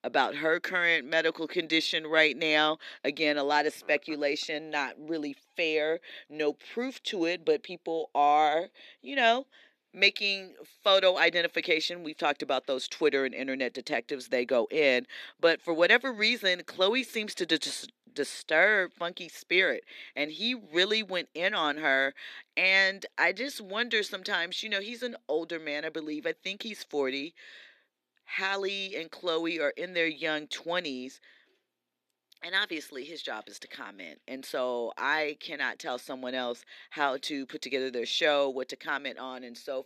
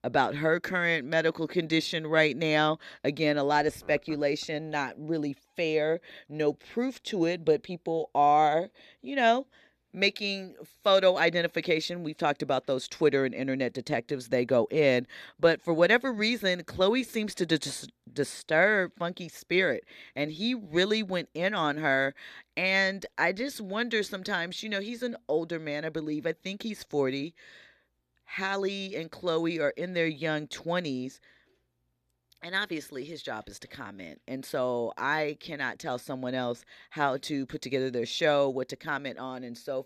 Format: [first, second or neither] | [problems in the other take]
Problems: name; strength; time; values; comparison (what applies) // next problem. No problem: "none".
second | thin; very slightly; fading below 250 Hz